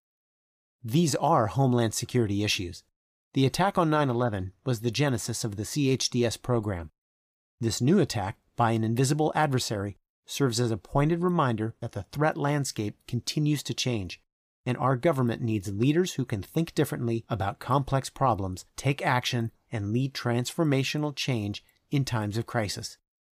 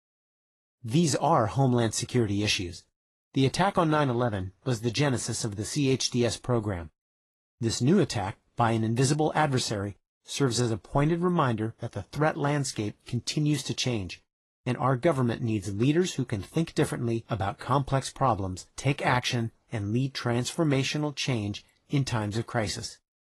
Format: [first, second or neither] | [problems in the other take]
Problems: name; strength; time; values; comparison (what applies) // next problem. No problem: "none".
first | garbled, watery; slightly; nothing above 11.5 kHz